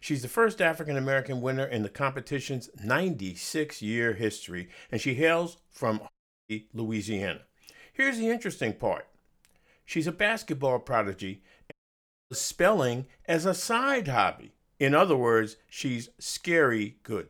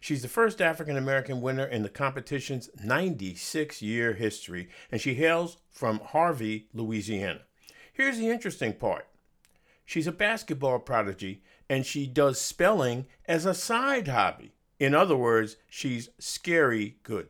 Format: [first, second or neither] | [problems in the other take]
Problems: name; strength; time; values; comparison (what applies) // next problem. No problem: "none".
second | audio cutting out; at 6 s and at 12 s for 0.5 s